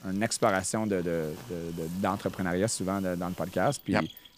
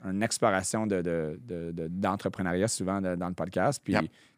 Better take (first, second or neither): second